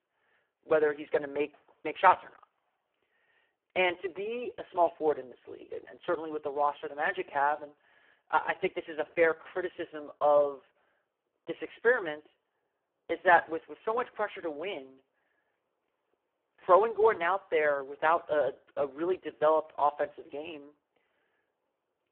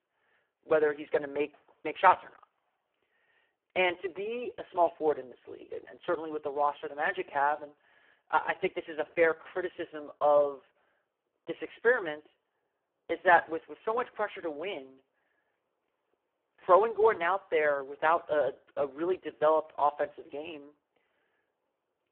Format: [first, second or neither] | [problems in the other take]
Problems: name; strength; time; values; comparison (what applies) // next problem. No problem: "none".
neither | phone-call audio; poor line; the same in both